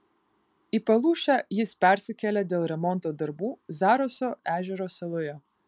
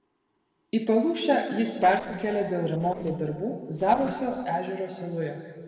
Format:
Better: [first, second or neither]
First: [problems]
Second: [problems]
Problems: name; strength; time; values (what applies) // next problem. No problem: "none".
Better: first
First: none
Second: noise reduction (neural separator model SepFormer DNS4)